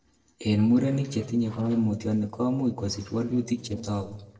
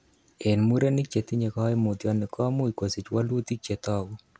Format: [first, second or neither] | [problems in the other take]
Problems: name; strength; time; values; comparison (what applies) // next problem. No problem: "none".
second | noise reduction (neural separator model SepFormer DNS4)